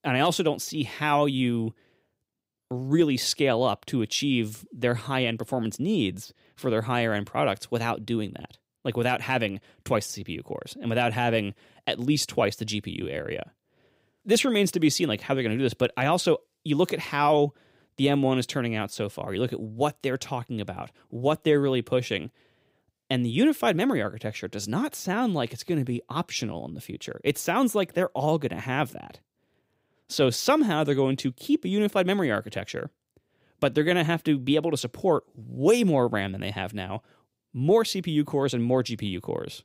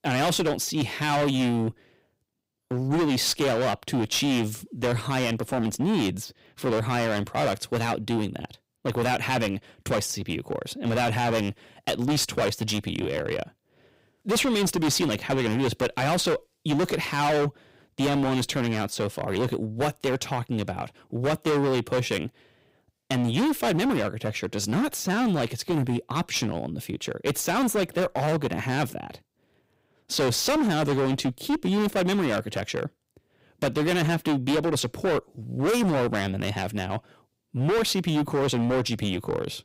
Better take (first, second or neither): first